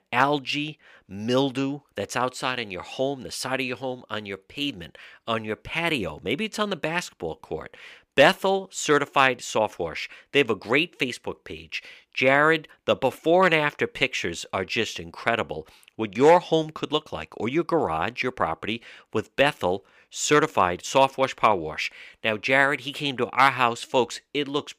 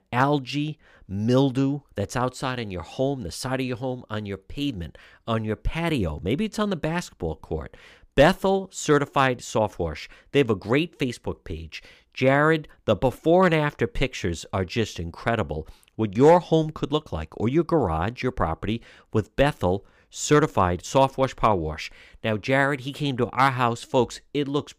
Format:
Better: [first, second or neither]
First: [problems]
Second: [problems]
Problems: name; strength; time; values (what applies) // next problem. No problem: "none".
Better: second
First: thin; very slightly; fading below 800 Hz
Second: none